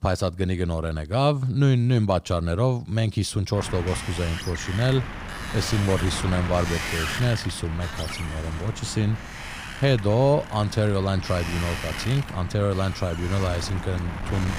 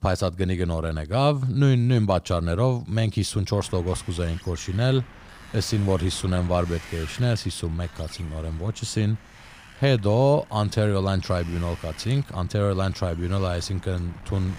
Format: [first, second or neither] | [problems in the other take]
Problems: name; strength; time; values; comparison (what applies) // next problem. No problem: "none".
second | wind noise on the microphone; heavy; from 3.5 s on; 5 dB below the speech; occasional gusts in the second